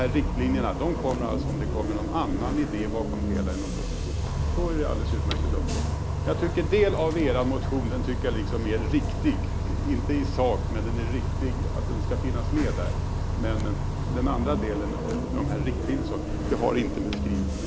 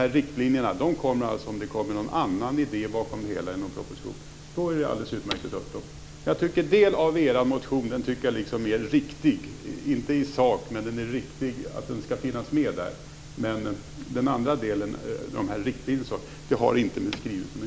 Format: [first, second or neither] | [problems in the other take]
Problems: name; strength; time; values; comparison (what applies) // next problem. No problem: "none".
second | background sound (Bus); 2 dB above the speech